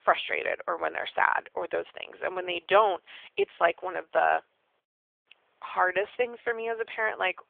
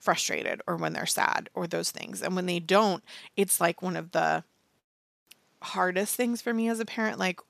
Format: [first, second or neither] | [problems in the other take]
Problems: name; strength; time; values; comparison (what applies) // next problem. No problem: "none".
second | phone-call audio; nothing above 3.5 kHz